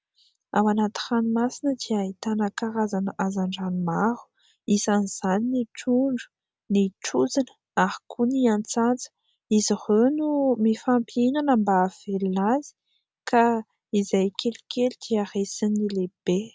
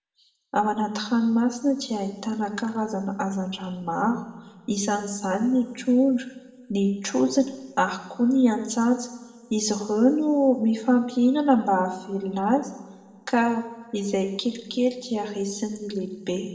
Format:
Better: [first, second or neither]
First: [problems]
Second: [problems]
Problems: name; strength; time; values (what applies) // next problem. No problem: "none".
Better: first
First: none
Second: room echo; dies away in 1.5 s